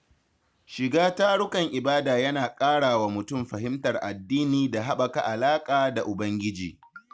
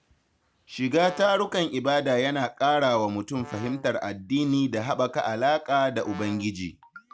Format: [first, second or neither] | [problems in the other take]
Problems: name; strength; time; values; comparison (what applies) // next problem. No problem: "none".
first | background sound (Brass instrument); 19 dB below the speech